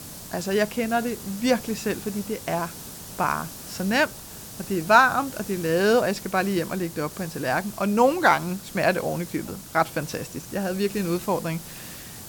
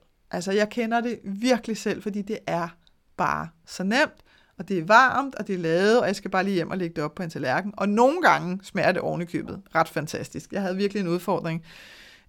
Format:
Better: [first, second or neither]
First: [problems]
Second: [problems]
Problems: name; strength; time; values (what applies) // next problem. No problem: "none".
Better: second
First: hiss; noticeable; throughout; 15 dB below the speech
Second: none